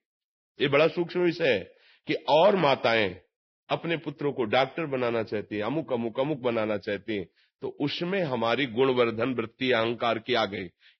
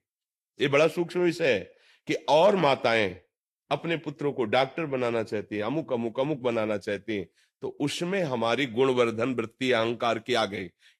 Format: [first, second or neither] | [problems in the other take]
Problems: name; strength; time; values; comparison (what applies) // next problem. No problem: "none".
second | garbled, watery; badly; nothing above 5.5 kHz; slightly in the second